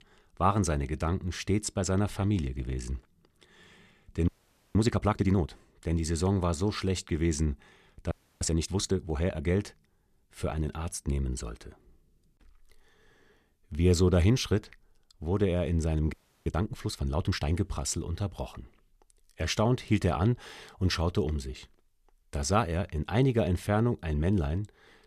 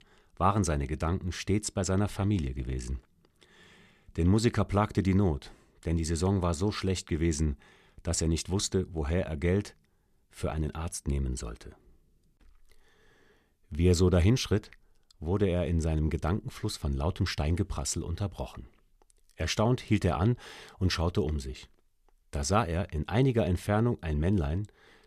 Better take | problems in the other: second | audio freezing; at 4.5 s, at 8 s and at 16 s

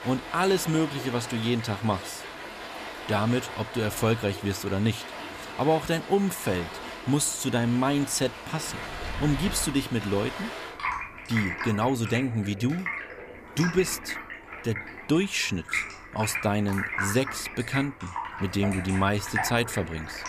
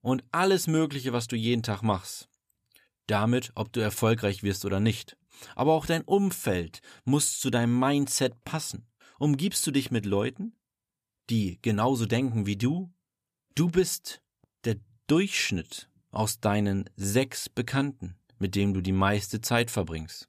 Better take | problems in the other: second | rain or running water; loud; throughout; 8 dB below the speech

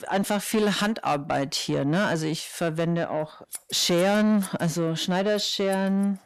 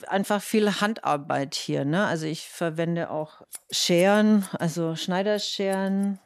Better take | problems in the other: second | distortion; slight; 10 dB below the speech

